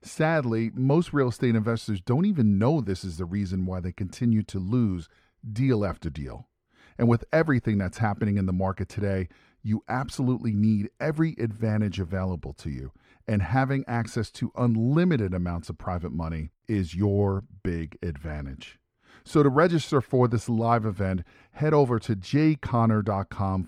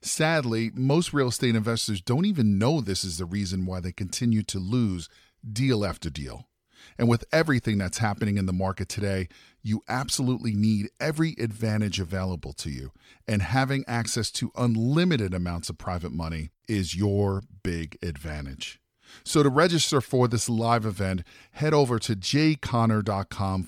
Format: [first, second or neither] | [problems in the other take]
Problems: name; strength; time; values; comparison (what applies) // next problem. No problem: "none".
second | muffled; slightly; fading above 2.5 kHz